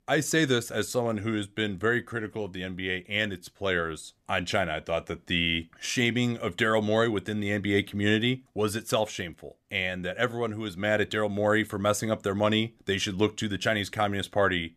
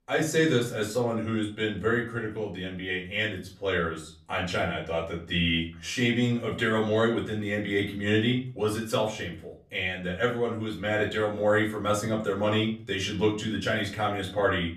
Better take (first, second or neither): first